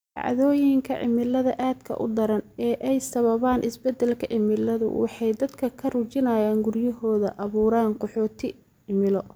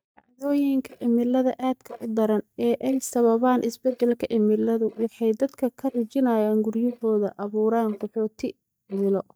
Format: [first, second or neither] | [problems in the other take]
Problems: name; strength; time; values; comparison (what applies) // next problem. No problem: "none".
first | noise reduction (neural mask model DeepFilterNet 3)